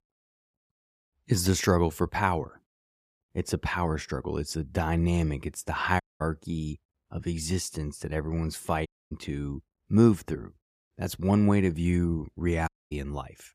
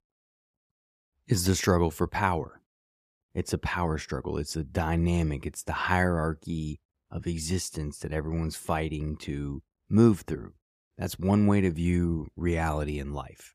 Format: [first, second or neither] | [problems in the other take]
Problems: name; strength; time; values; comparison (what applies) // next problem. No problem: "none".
second | audio cutting out; at 6 s, at 9 s and at 13 s